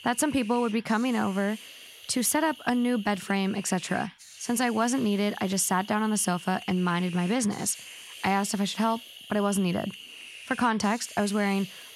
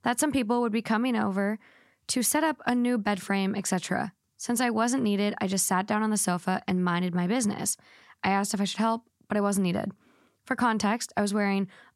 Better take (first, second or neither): second